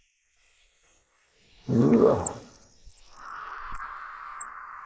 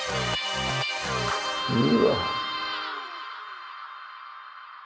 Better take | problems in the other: second | noise reduction (neural mask model Resemble Enhance denoiser)

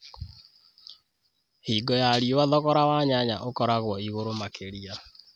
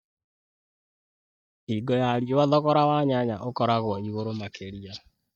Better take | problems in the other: first | noise reduction (neural mask model DeepFilterNet 3)

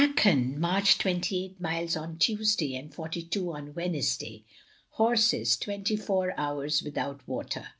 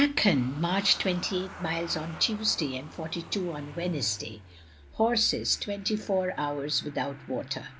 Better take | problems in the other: first | background sound (Engine starting / Motor vehicle (road)); 17 dB below the speech

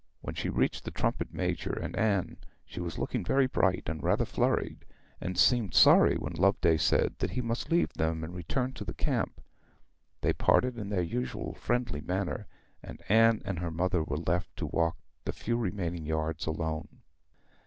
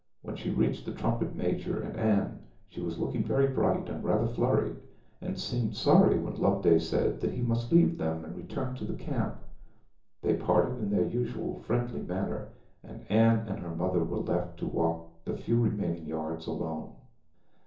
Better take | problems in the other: first | room echo; dies away in 0.6 s

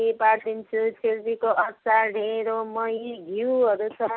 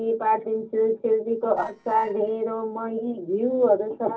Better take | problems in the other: first | noise reduction (neural separator model SepFormer DNS4)

